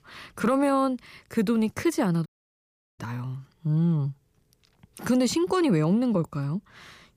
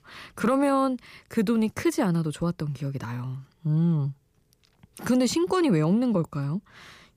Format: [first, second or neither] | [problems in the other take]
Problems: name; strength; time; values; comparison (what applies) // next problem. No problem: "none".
second | audio cutting out; at 2.5 s for 0.5 s